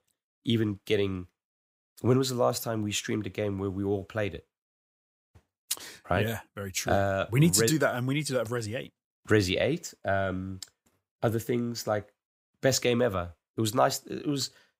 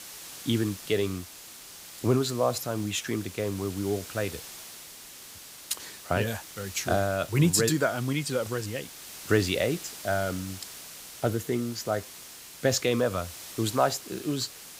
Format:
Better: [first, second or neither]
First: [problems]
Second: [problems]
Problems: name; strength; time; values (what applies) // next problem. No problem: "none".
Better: first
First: none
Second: hiss; noticeable; throughout; 15 dB below the speech